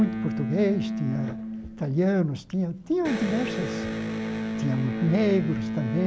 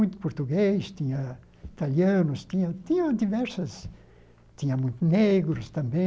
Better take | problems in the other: second | background sound (Electric guitar); 4 dB below the speech

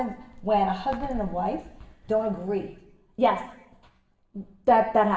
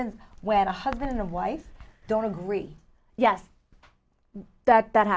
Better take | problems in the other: second | room echo; dies away in 0.8 s

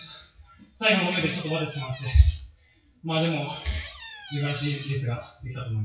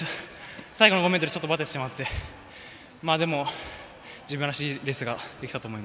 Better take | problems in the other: second | noise reduction (classical method WPE with log-MMSE)

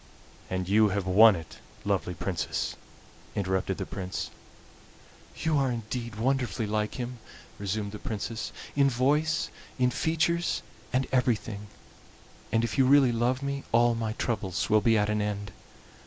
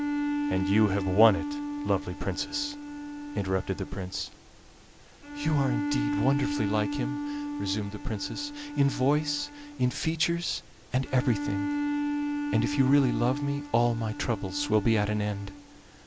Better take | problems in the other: first | background sound (Bowed string instrument); 5 dB below the speech

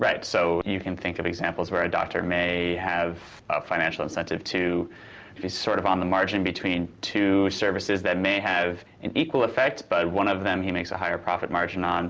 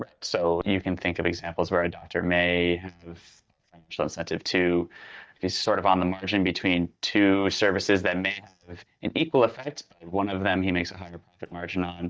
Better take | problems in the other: first | noise reduction (neural mask model DeepFilterNet 3)

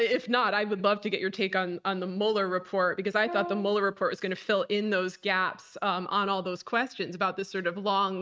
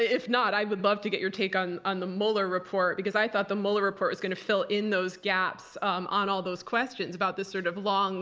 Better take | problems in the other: second | noise reduction (neural mask model RNNoise)

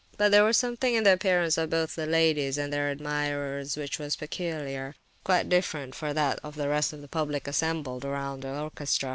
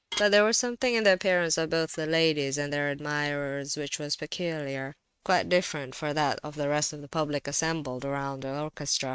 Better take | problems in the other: first | noise reduction (neural mask model RNNoise)

